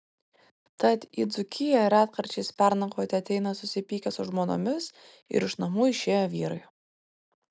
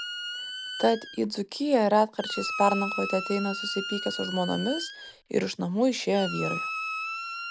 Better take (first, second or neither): first